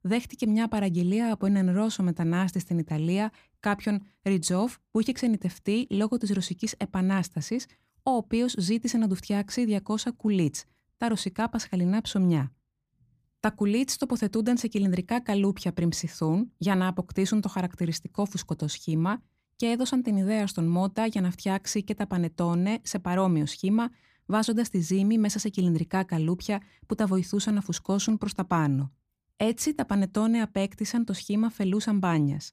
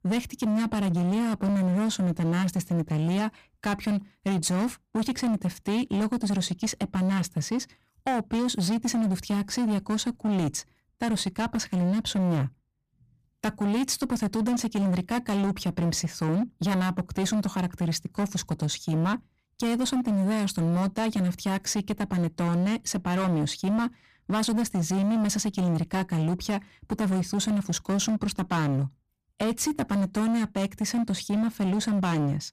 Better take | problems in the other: first | distortion; slight; 24% of the sound clipped

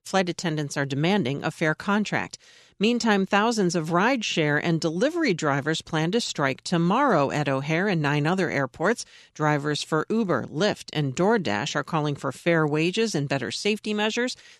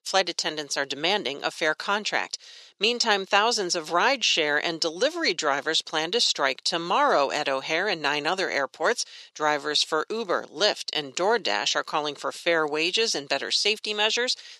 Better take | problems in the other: first | thin; very; fading below 550 Hz

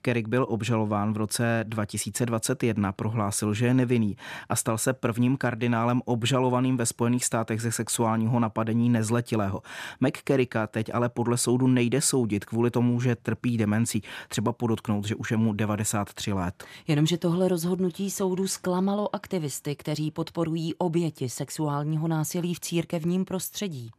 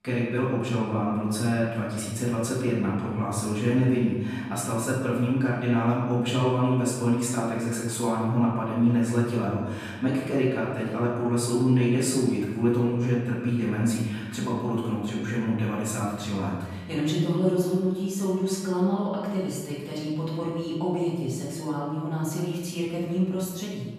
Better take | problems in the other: first | room echo; noticeable; dies away in 1.2 s // off-mic speech; far

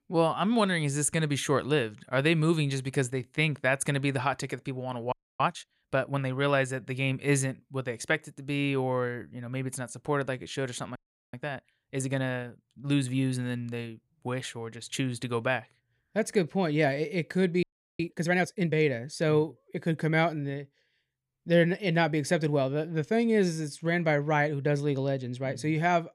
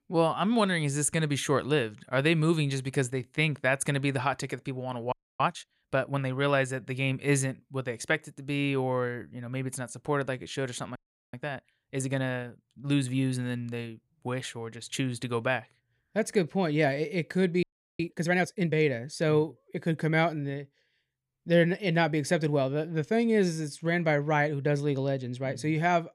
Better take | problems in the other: neither | audio freezing; at 5 s, at 11 s and at 18 s; the same in both

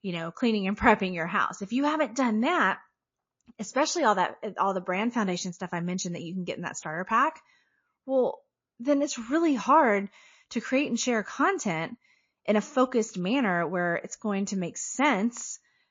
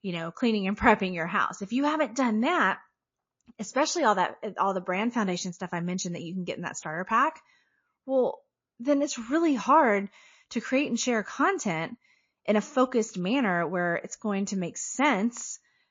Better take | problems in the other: neither | garbled, watery; slightly; the same in both

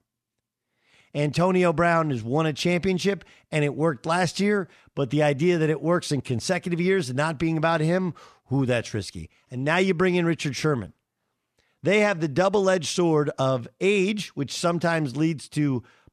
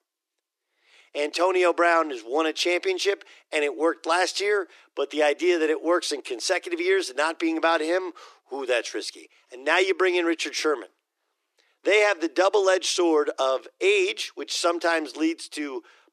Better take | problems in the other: first | thin; very; fading below 300 Hz

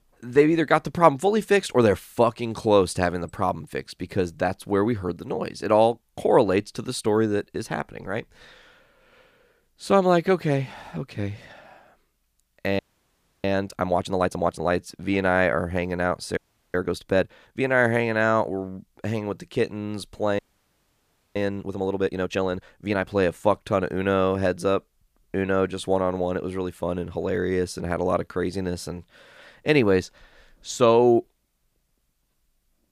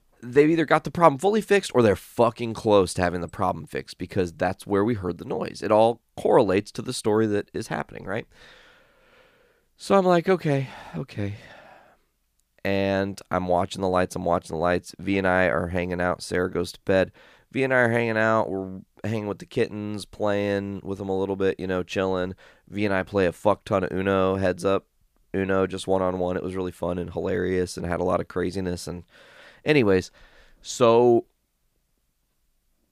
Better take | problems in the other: second | audio freezing; at 13 s for 0.5 s, at 16 s and at 20 s for 1 s

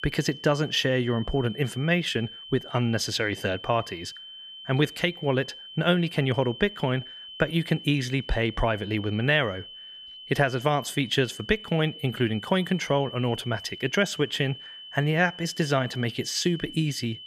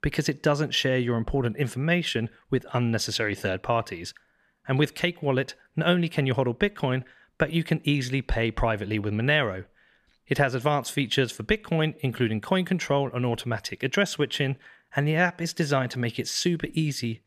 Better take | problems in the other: second | high-pitched whine; noticeable; throughout; 3 kHz, 15 dB below the speech

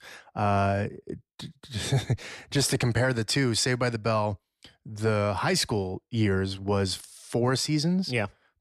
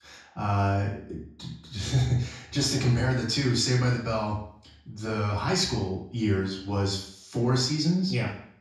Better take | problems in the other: first | room echo; noticeable; dies away in 0.5 s // off-mic speech; far

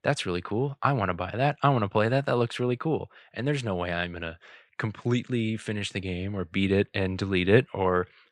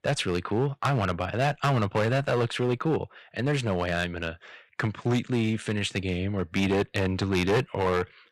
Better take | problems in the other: first | distortion; heavy; 10% of the sound clipped

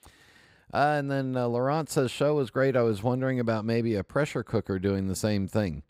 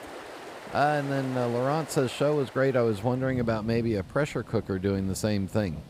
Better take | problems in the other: first | rain or running water; noticeable; throughout; 15 dB below the speech

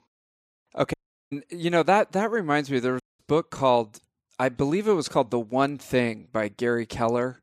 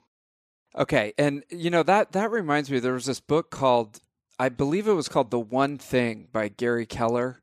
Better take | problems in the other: second | audio cutting out; at 1 s and at 3 s

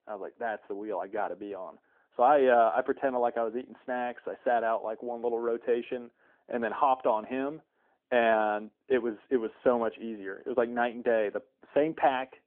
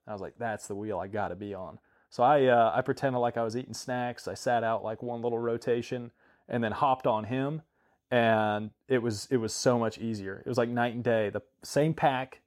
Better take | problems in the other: second | phone-call audio; nothing above 3.5 kHz

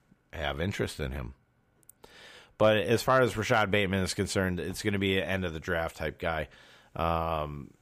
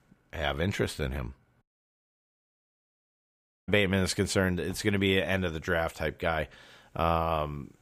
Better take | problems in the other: first | audio cutting out; at 1.5 s for 2 s

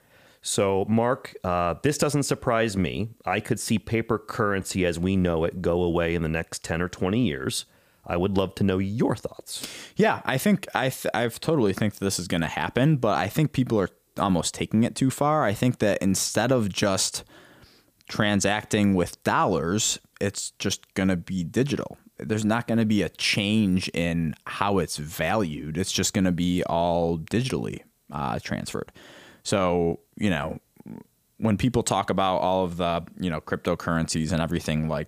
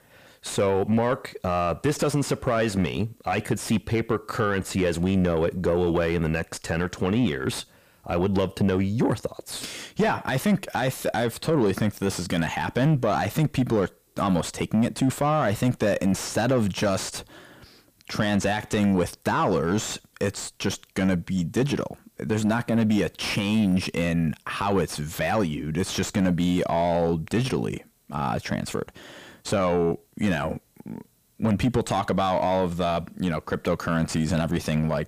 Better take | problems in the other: first | distortion; slight; 10 dB below the speech

